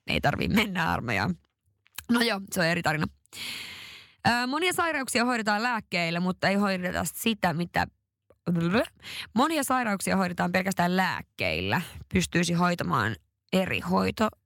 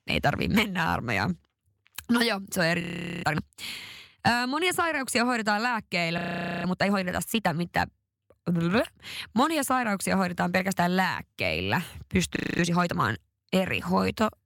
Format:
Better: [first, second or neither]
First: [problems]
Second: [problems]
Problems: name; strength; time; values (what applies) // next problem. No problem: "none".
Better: first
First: none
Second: audio freezing; at 3 s, at 6 s and at 12 s